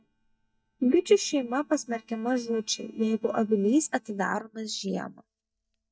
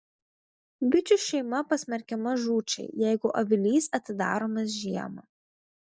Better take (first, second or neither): second